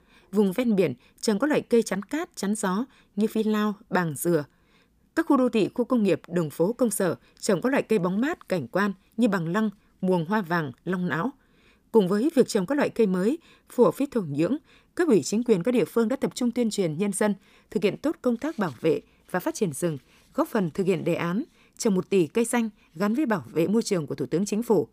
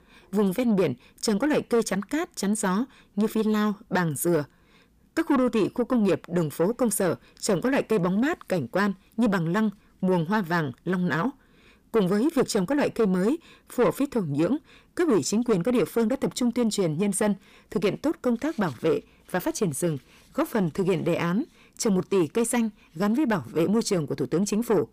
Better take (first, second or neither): first